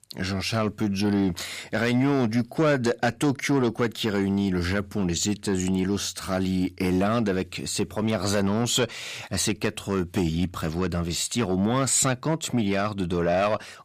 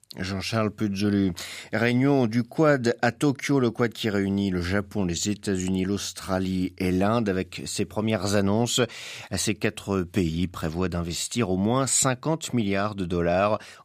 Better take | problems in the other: second | distortion; slight; 10 dB below the speech

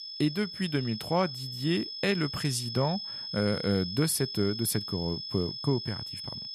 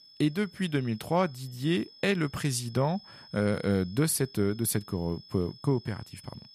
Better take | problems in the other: second | high-pitched whine; loud; throughout; 5 kHz, 6 dB below the speech; faint in the second

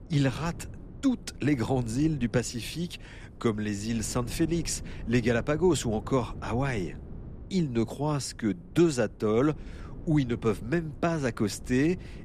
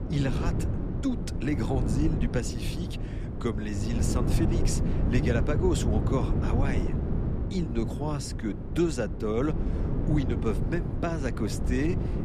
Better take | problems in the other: first | wind noise on the microphone; heavy; 4 dB below the speech; occasional gusts in the first

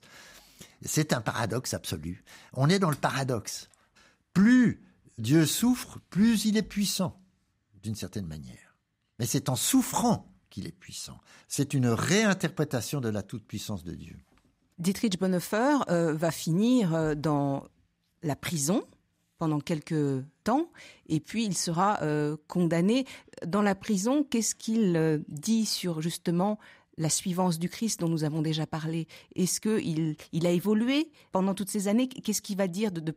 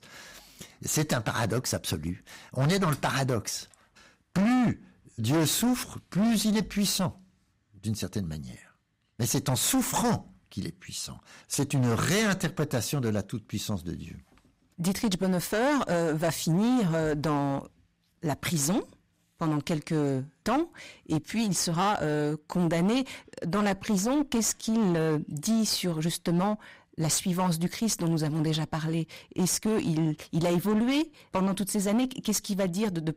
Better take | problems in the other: first | distortion; heavy; 14% of the sound clipped

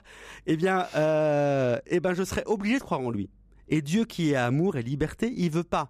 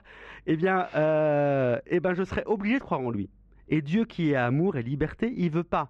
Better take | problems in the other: first | muffled; slightly; fading above 2.5 kHz

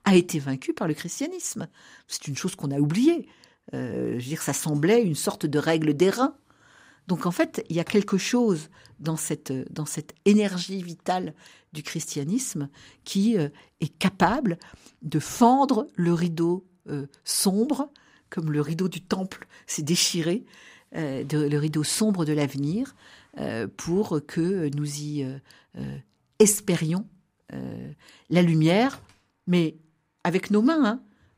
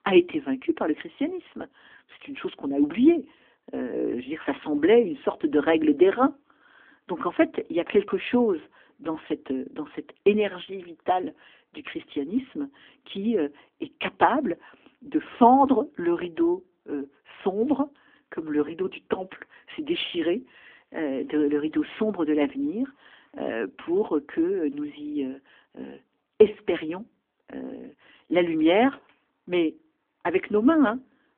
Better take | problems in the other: first | phone-call audio; nothing above 3.5 kHz

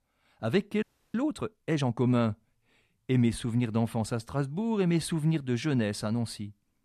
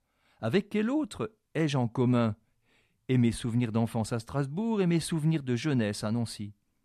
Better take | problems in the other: second | audio freezing; at 1 s

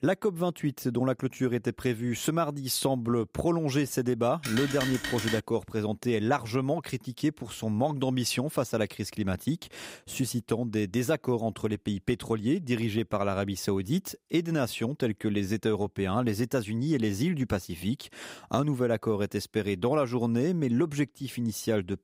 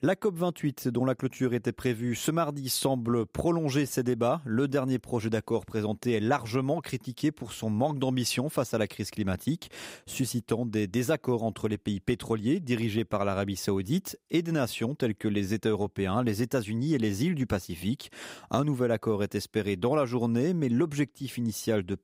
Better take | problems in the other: second | phone ringing; noticeable; at 4.5 s; peak 3 dB below the speech

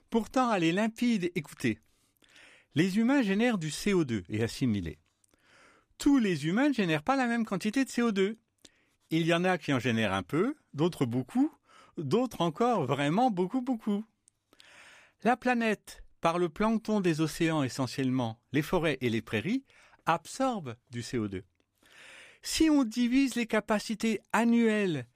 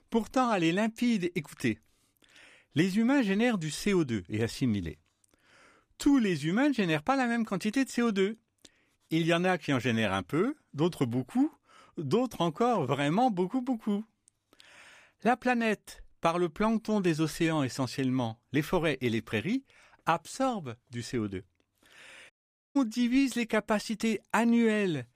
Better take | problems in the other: first | audio cutting out; at 22 s

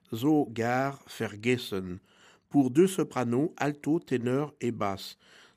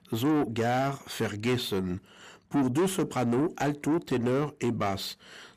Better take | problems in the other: first | distortion; heavy; 7 dB below the speech

